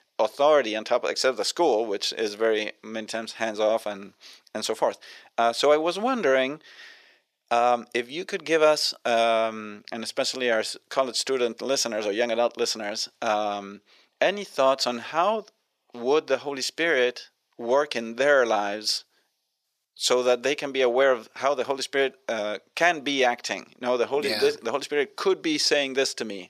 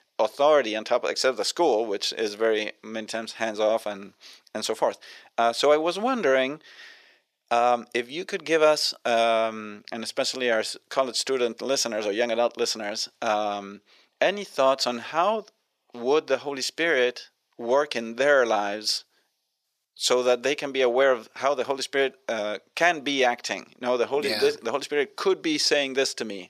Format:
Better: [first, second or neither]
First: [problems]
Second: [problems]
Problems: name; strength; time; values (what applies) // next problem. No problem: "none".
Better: neither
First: thin; somewhat; fading below 550 Hz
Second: thin; somewhat; fading below 550 Hz